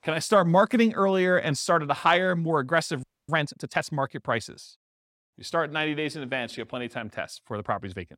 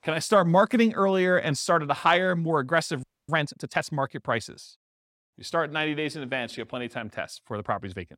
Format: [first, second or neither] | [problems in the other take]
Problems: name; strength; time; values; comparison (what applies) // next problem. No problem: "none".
neither | audio freezing; at 3 s; the same in both